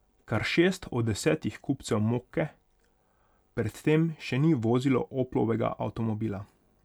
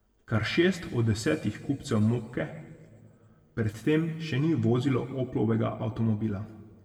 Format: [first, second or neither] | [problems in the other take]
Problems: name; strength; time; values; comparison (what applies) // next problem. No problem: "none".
first | room echo; dies away in 1.6 s